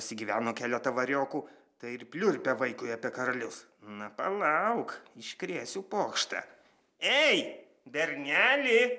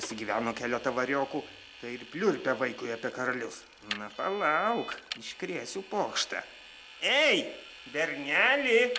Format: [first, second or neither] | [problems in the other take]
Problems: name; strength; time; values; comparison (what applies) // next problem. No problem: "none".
first | background sound (Vehicle); 16 dB below the speech